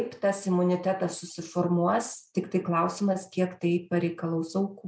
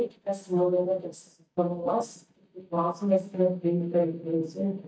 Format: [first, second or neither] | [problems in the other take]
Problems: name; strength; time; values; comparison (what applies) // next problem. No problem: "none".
first | noise reduction (neural mask model DeepFilterNet 3)